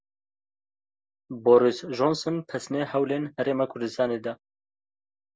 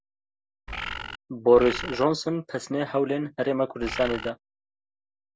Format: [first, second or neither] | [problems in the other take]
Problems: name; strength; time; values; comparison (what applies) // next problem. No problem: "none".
first | background sound (Bird); 7 dB below the speech